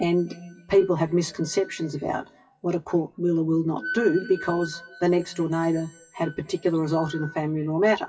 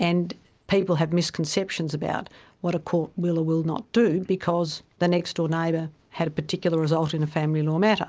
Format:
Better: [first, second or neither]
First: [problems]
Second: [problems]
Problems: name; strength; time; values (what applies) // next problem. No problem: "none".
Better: second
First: noise reduction (classical method WPE with log-MMSE)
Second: none